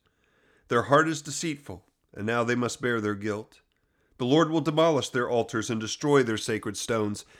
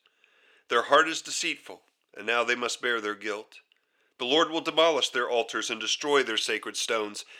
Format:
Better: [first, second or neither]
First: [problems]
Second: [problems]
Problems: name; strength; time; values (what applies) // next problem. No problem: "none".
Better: first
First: none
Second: thin; somewhat; fading below 500 Hz